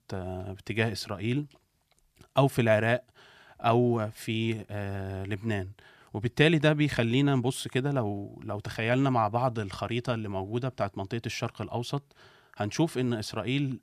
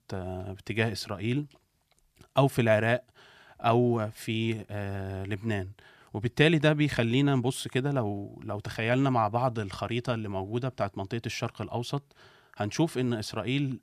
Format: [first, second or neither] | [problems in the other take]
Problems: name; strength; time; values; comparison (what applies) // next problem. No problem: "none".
neither | none